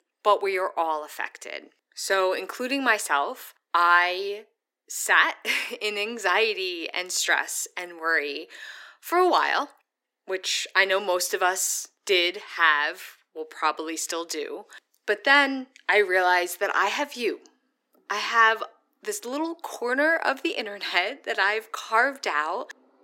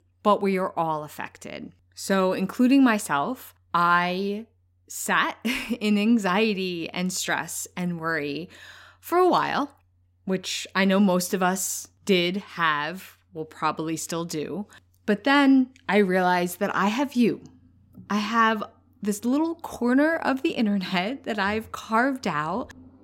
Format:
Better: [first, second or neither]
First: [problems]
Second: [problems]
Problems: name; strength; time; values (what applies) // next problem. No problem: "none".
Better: second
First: thin; very; fading below 350 Hz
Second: none